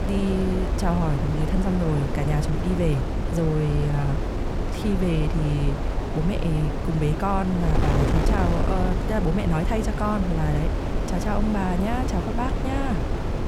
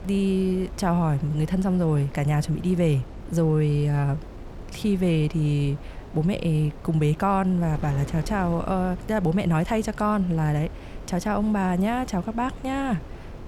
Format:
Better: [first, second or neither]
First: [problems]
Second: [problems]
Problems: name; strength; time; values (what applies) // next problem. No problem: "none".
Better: second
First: wind noise on the microphone; heavy; 2 dB below the speech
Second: wind noise on the microphone; occasional gusts; 15 dB below the speech